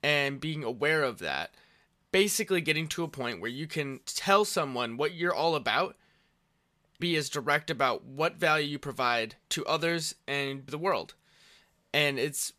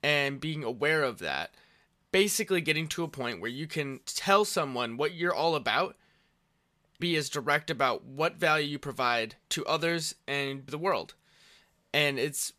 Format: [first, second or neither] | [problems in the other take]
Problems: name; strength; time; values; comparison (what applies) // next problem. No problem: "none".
neither | none